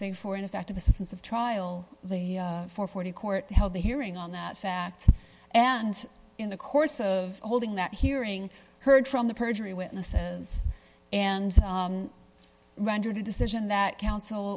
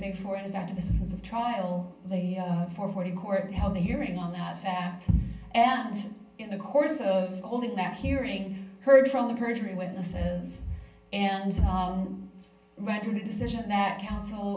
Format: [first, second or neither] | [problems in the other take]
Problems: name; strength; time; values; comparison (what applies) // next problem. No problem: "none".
first | room echo; dies away in 0.6 s